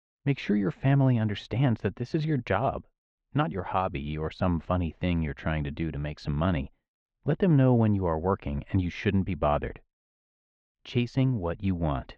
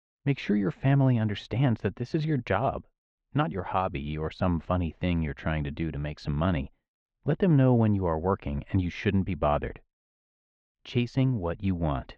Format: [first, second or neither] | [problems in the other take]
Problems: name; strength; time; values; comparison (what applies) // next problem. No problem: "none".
neither | muffled; slightly; fading above 3.5 kHz; the same in both